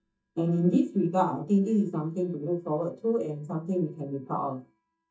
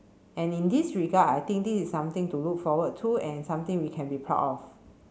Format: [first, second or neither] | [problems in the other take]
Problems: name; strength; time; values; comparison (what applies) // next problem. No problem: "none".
second | noise reduction (neural mask model DeepFilterNet 3)